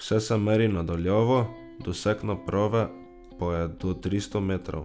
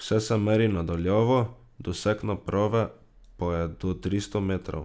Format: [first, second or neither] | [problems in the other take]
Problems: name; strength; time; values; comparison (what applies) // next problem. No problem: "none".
second | background sound (Electric guitar); 20 dB below the speech